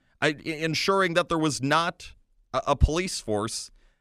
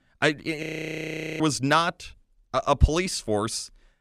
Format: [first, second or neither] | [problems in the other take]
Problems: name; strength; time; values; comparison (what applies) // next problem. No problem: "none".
first | audio freezing; at 0.5 s for 1 s